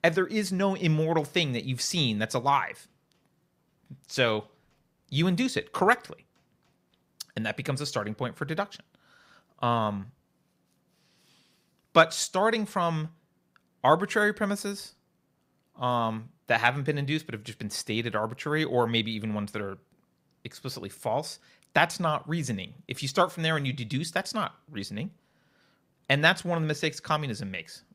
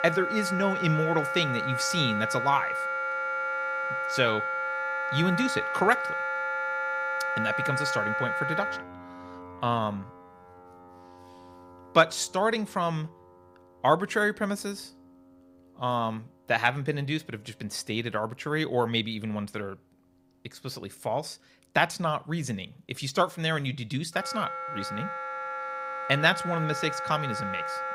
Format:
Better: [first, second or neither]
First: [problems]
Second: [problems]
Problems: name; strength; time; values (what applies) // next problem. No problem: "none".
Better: first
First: none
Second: background music; loud; throughout; 2 dB below the speech